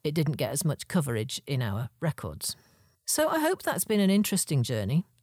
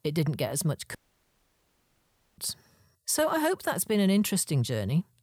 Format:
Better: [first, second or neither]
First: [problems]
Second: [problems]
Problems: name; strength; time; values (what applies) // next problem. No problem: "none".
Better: first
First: none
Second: audio cutting out; at 1 s for 1.5 s